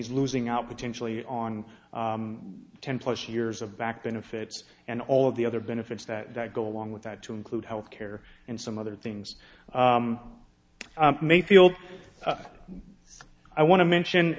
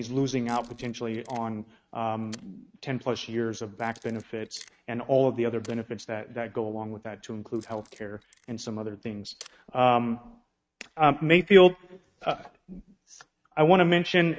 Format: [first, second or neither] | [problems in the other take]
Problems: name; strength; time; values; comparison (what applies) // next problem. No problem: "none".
first | noise reduction (neural mask model RNNoise)